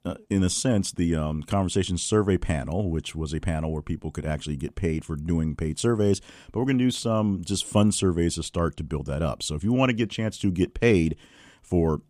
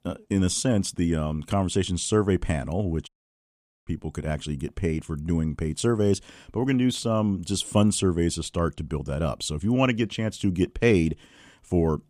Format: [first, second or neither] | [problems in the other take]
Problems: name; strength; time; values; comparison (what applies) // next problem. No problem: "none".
first | audio cutting out; at 3 s for 1 s